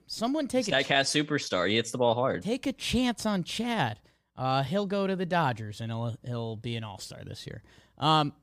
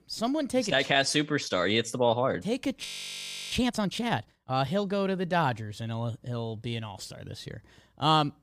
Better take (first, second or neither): first